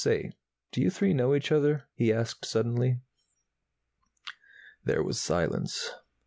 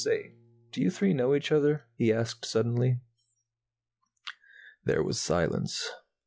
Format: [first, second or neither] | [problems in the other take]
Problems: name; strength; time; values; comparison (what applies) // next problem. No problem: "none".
first | noise reduction (classical method log-MMSE)